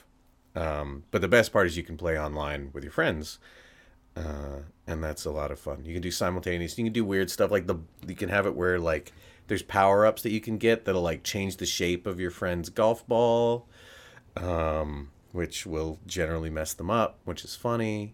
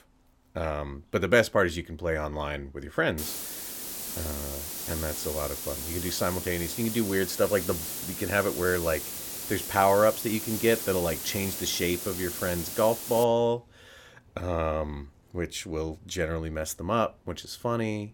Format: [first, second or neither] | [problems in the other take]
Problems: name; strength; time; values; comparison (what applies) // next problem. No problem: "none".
first | hiss; loud; from 3 to 13 s; 5 dB below the speech